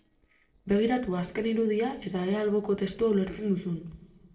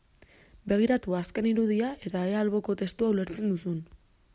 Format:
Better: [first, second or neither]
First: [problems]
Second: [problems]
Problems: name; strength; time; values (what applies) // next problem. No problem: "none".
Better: second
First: noise reduction (neural separator model SepFormer DNS4)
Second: none